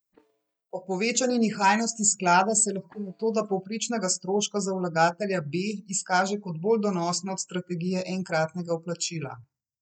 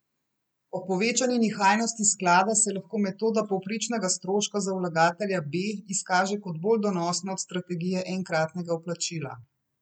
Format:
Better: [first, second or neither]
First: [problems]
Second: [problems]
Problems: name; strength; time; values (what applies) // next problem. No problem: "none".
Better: second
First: noise reduction (neural mask model DeepFilterNet 3)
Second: none